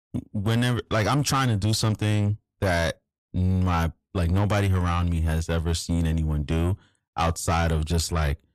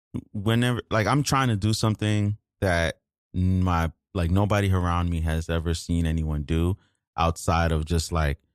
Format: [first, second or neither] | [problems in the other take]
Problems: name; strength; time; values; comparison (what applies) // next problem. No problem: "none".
second | distortion; slight; 10 dB below the speech